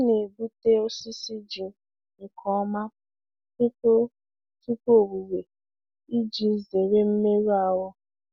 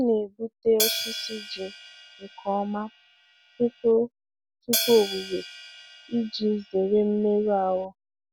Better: first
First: none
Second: background sound (Hi-hat); 8 dB below the speech

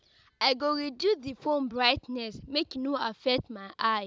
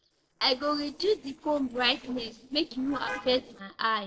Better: first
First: none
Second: noise reduction (neural separator model SepFormer DNS4)

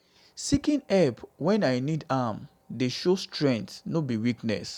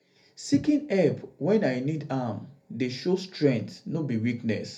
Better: first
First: none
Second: room echo; dies away in 0.3 s

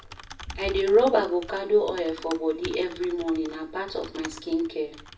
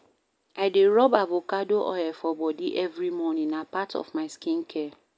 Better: second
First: background sound (Typing); 16 dB below the speech // room echo; dies away in 0.3 s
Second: none

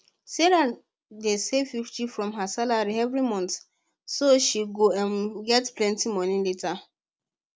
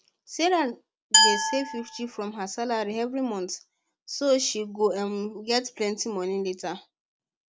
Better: first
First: none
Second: background sound (Glass); 3 dB above the speech

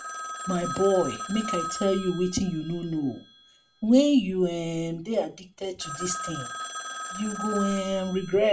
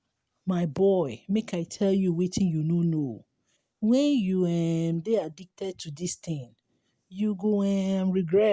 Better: second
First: background sound (Telephone); 10 dB below the speech // room echo; dies away in 0.3 s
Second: none

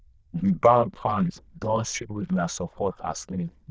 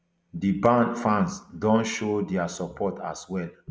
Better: second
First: noise reduction (neural diffusion model UNIVERSE++)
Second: none

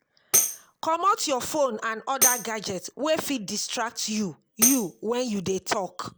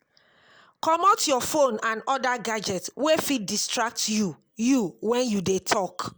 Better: second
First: background sound (Tambourine); 1 dB below the speech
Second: none

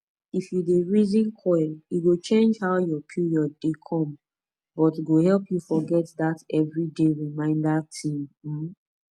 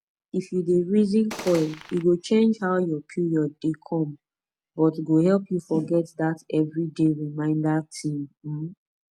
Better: first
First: none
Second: background sound (Gunshot, gunfire); 13 dB below the speech

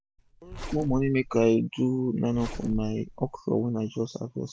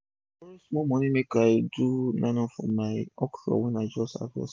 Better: second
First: background sound (Zipper (clothing)); 11 dB below the speech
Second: none

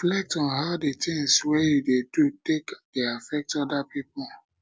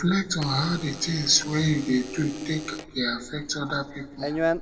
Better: first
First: none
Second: background sound (Alarm / Door); 8 dB below the speech // room echo; dies away in 1.3 s

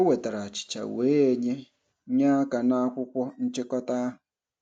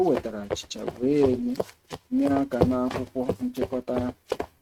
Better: first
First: none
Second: noise reduction (neural mask model RNNoise)

